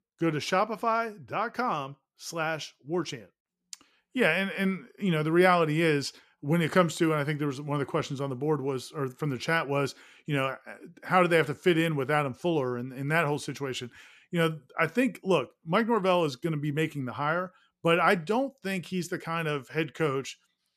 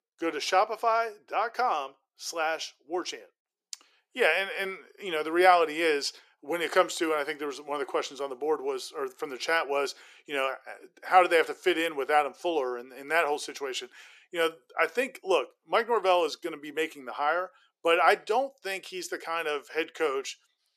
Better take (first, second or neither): first